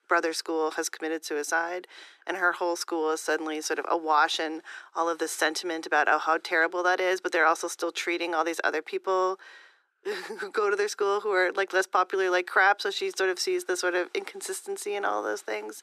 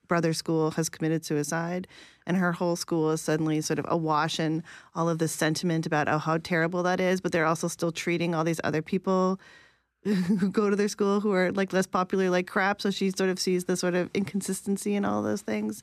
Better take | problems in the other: second | thin; very; fading below 350 Hz

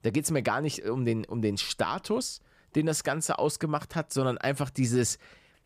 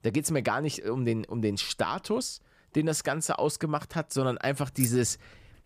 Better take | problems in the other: first | jangling keys; noticeable; at 5 s; peak 4 dB below the speech

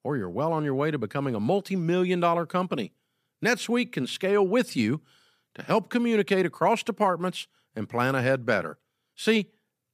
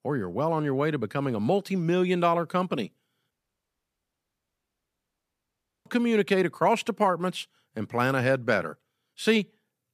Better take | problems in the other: first | audio cutting out; at 3.5 s for 2.5 s

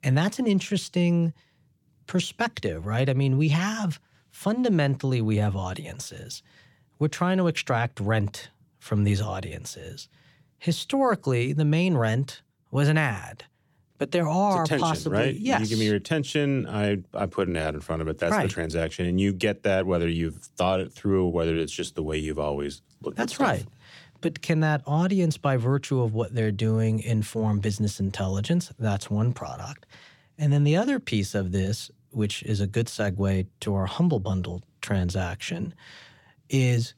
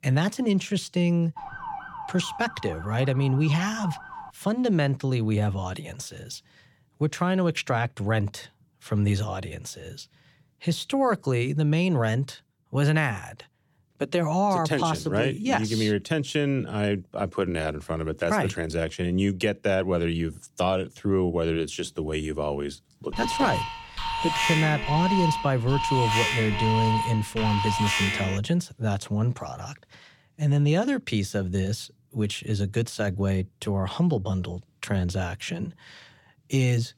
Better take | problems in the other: first | siren; noticeable; from 1.5 to 4.5 s; peak 9 dB below the speech // alarm; loud; from 23 to 28 s; peak 3 dB above the speech

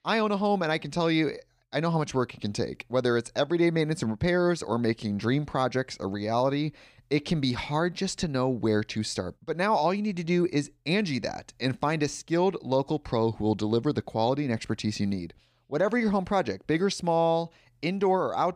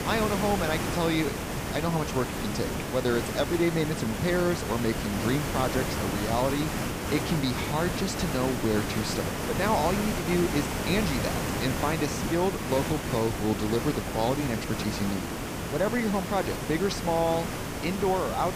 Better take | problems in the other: first | hiss; loud; throughout; 2 dB below the speech

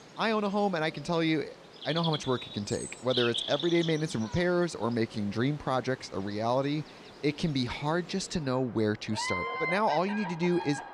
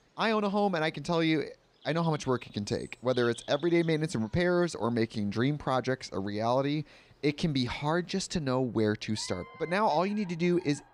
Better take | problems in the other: second | animal sounds; loud; throughout; 7 dB below the speech; faint in the second

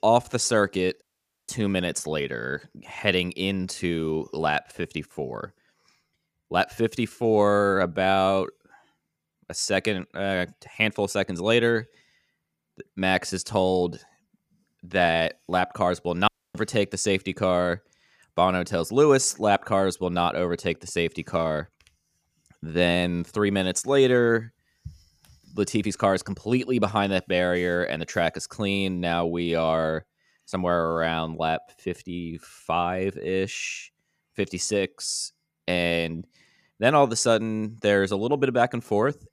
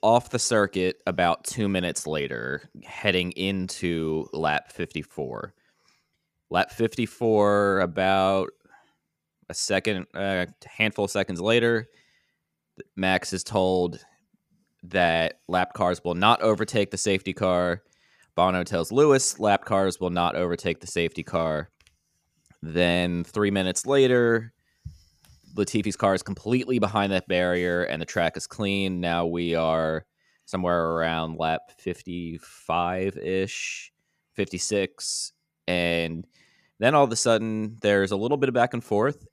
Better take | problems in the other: second | audio cutting out; at 1 s and at 16 s

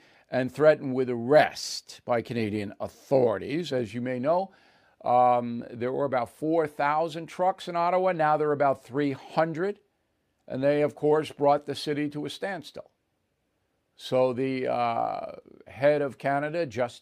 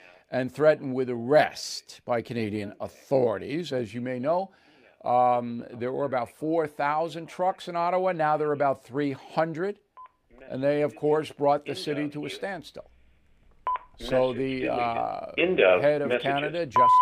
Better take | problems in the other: first | alarms or sirens; loud; throughout; as loud as the speech

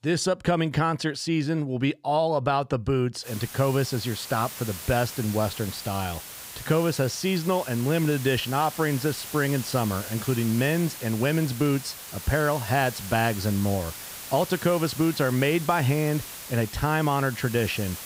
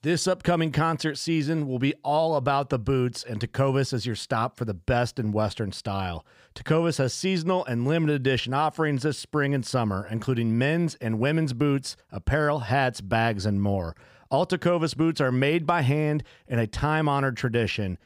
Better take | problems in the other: second | hiss; noticeable; from 3.5 s on; 10 dB below the speech

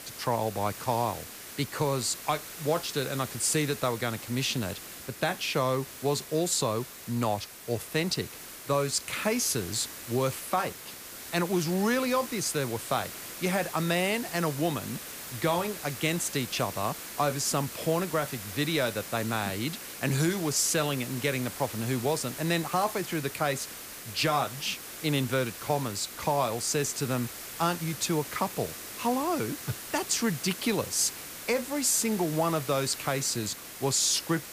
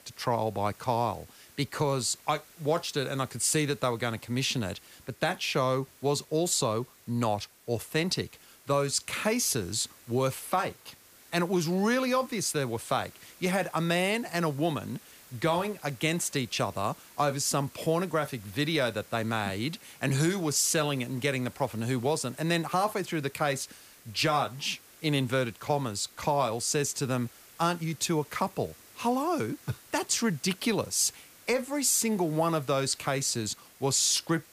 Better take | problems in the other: second | hiss; loud; throughout; 10 dB below the speech; faint in the second

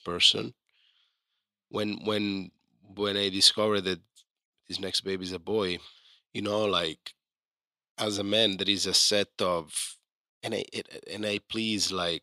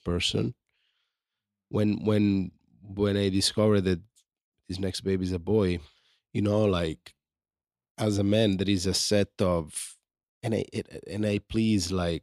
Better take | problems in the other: second | thin; somewhat; fading below 650 Hz

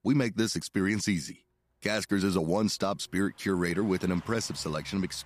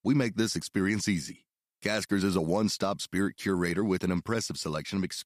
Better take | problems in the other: second | traffic noise; faint; throughout; 20 dB below the speech

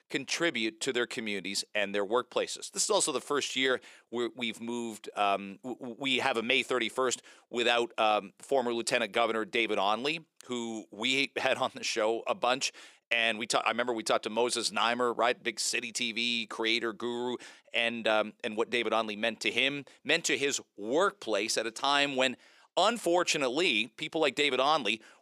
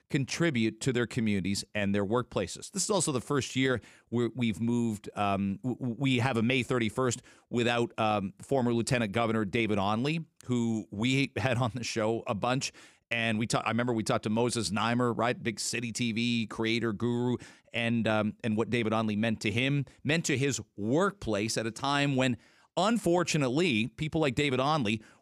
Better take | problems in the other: second | thin; somewhat; fading below 450 Hz

